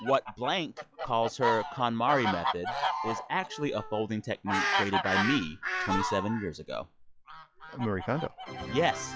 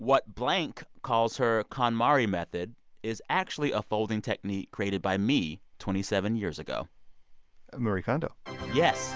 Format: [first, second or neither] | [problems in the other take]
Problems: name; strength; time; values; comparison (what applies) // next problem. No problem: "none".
second | noise reduction (classical method log-MMSE)